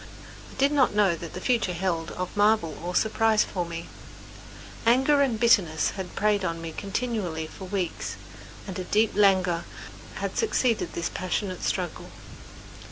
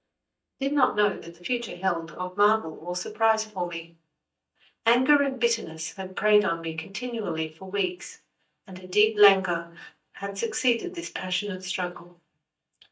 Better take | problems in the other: first | noise reduction (neural mask model DeepFilterNet 3)

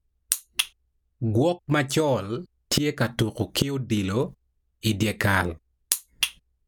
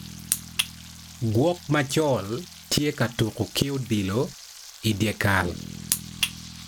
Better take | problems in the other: first | background sound (Frying (food) + Bass guitar); 15 dB below the speech

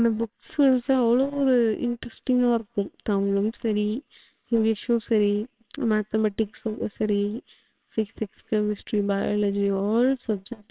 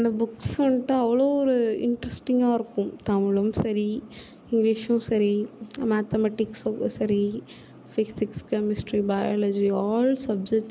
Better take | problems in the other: second | noise reduction (neural separator model SepFormer WHAMR!)

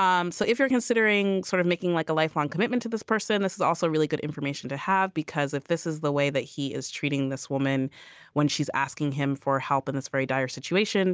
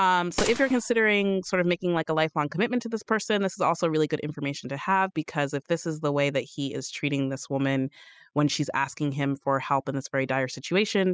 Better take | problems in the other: first | noise reduction (classical method spectral subtraction)

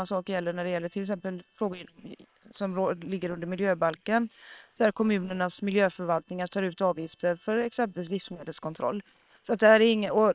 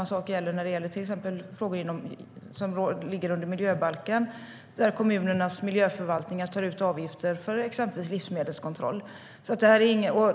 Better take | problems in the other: second | noise reduction (neural separator model SepFormer WHAM!)

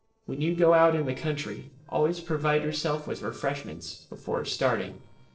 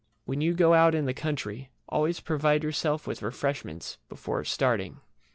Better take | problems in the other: second | noise reduction (neural separator model SepFormer DNS4)

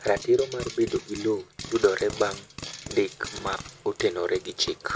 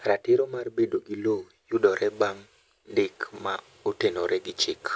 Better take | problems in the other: second | background sound (Frying (food)); 13 dB below the speech

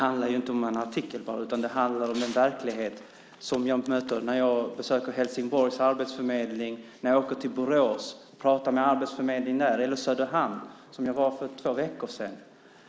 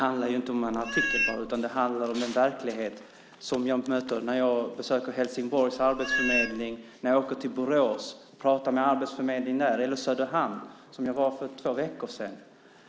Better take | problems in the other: first | background sound (Meow); 2 dB below the speech

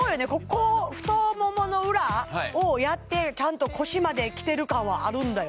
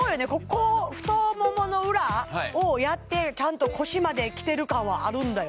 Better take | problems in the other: first | background sound (Cowbell); 14 dB below the speech

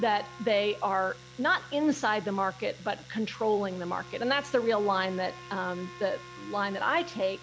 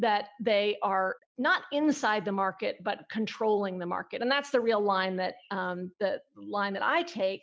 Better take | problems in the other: second | background sound (Domestic sounds, home sounds + Wind instrument, woodwind instrument); 18 dB below the speech

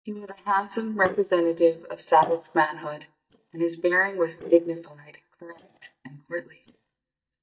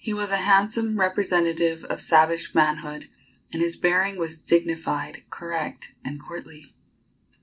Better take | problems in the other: second | noise reduction (neural mask model DeepFilterNet 3)

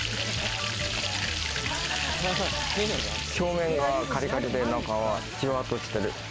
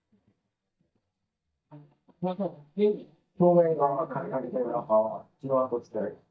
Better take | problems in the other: first | noise reduction (neural mask model DeepFilterNet 3)

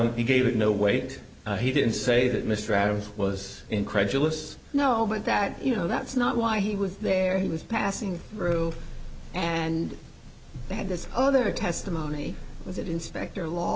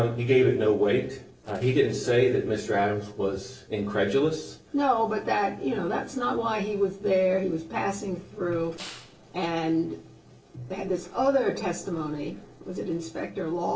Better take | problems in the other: first | noise reduction (neural separator model SepFormer DNS4)

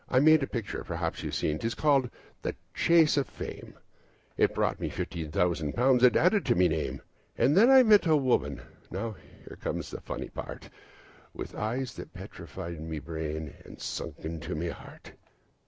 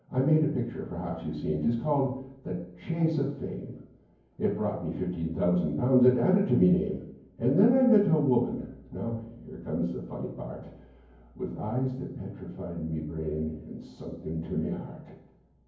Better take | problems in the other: first | room echo; dies away in 0.9 s

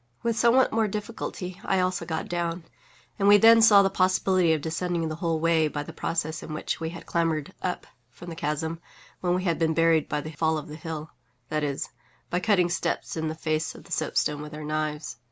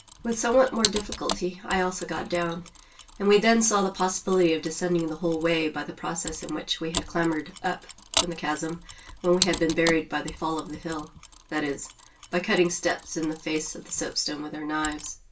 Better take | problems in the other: first | background sound (Mechanisms); 10 dB below the speech // room echo; dies away in 0.2 s

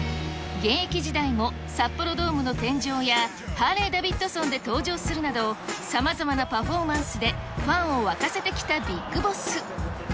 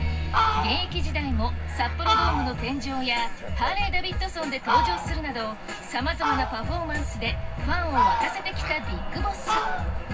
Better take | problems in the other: first | background sound (Fowl); 1 dB below the speech // room echo; dies away in 0.4 s

